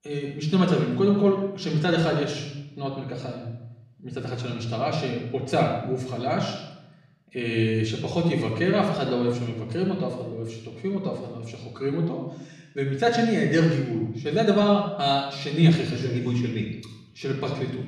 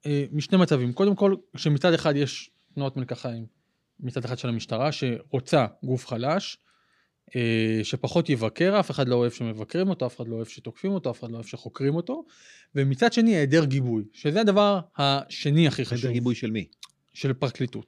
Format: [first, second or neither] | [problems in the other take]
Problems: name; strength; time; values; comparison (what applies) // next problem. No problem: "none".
second | off-mic speech; far // room echo; noticeable; dies away in 0.8 s